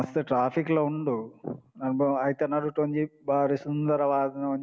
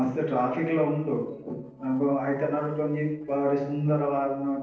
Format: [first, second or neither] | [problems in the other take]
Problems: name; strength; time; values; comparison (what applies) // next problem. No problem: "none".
first | noise reduction (neural separator model SepFormer DNS4)